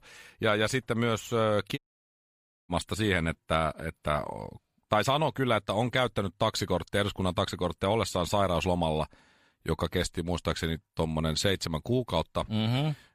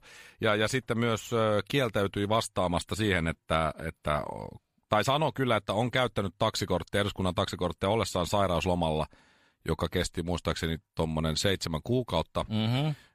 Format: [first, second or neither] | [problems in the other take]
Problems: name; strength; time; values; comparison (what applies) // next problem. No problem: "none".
second | audio cutting out; at 2 s for 1 s